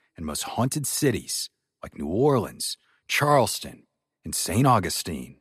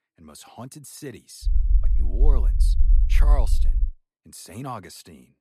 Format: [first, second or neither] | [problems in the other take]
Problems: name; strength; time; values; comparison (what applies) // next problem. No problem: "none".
first | low rumble; loud; from 1.5 to 4 s; 9 dB below the speech